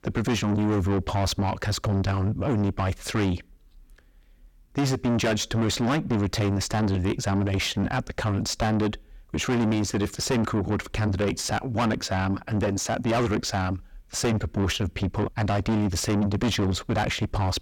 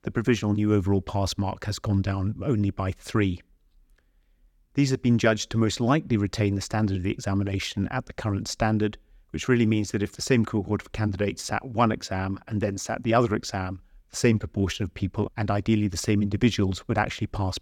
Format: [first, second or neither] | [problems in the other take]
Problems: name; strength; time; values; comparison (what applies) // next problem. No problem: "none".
second | distortion; heavy; 5 dB below the speech